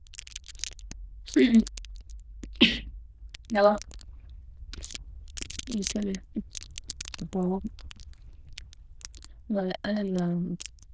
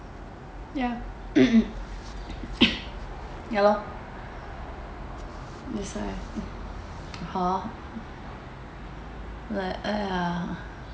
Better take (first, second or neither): second